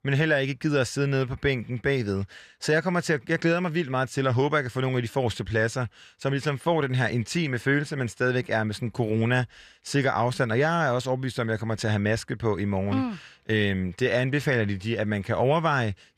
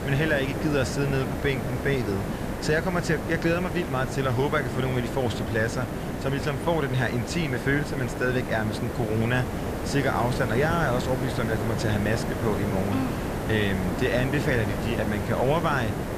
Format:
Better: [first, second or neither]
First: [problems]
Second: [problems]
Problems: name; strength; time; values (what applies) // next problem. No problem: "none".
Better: first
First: none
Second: hiss; loud; throughout; 4 dB below the speech